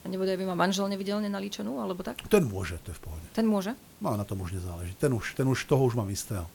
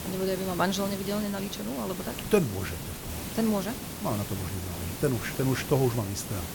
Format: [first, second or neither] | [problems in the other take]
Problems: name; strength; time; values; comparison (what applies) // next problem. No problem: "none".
first | hiss; loud; throughout; 6 dB below the speech; faint in the first